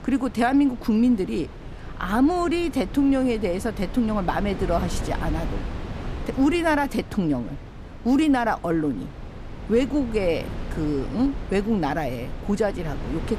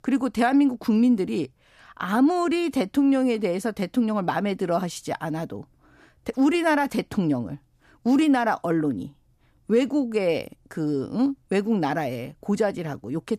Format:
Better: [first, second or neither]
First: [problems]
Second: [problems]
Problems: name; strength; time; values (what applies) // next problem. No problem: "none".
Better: second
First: wind noise on the microphone; occasional gusts; 15 dB below the speech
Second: none